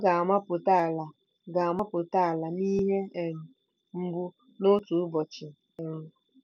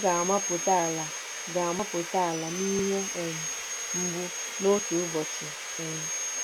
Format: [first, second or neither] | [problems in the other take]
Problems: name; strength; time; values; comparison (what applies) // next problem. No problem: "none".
first | background sound (Sawing); 4 dB below the speech